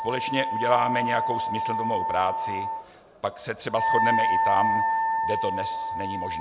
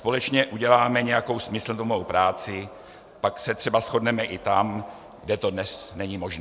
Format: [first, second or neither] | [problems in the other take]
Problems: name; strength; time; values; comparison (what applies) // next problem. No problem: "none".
second | background sound (Wind instrument, woodwind instrument); 3 dB above the speech